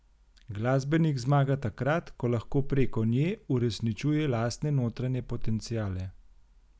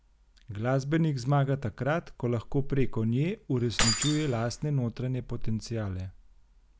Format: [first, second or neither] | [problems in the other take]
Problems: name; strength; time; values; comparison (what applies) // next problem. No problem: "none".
first | background sound (Keys jangling); 2 dB below the speech